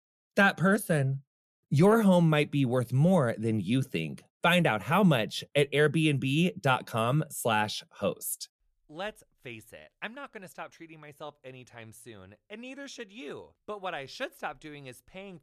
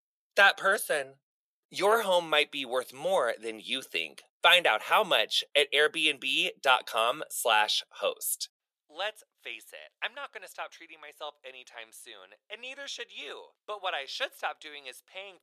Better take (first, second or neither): first